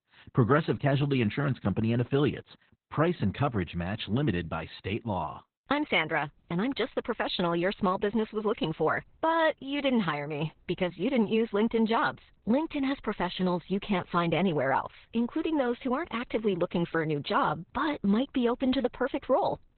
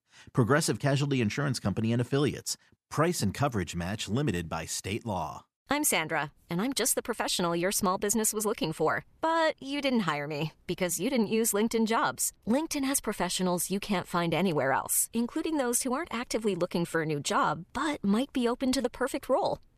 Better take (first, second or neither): second